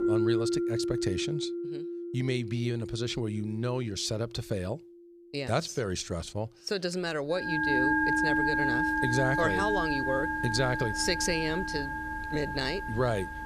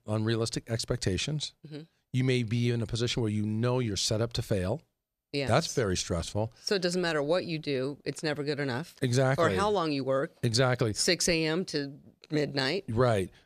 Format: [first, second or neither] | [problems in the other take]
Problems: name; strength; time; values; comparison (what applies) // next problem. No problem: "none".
second | background music; very loud; throughout; 2 dB above the speech